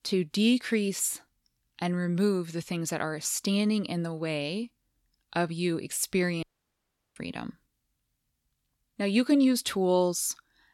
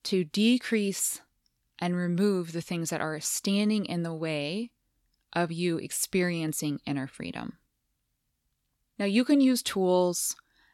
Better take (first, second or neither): second